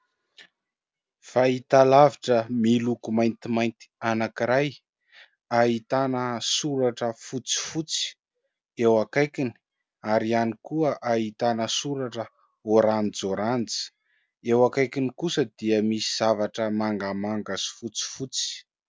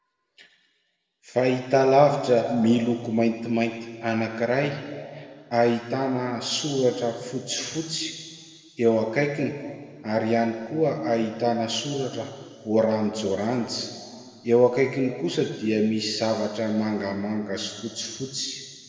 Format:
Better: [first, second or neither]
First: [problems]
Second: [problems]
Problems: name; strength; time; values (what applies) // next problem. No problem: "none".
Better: first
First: none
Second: room echo; dies away in 1.9 s